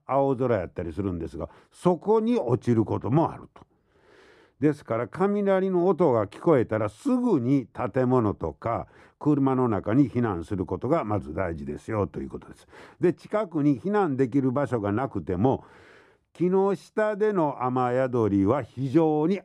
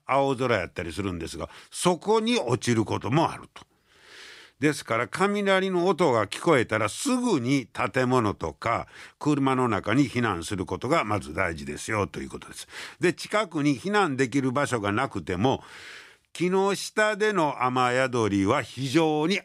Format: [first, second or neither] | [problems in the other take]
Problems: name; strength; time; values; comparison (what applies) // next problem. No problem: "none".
second | muffled; very; fading above 1.5 kHz